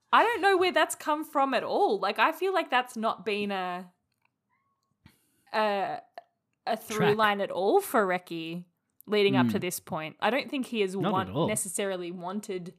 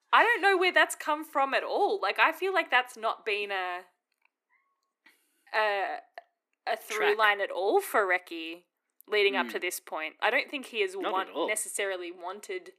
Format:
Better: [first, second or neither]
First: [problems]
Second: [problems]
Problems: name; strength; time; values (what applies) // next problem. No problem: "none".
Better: first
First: none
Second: thin; somewhat; fading below 300 Hz